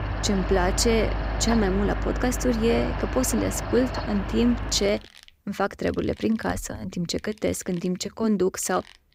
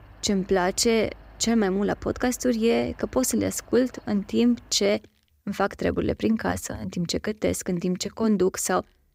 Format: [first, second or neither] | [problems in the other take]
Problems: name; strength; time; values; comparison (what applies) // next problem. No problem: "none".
second | machinery noise; loud; throughout; 5 dB below the speech; faint in the second